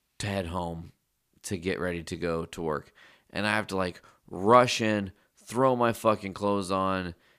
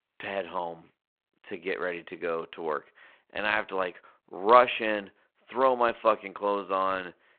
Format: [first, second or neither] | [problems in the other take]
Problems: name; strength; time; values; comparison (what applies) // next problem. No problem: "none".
first | phone-call audio; nothing above 4 kHz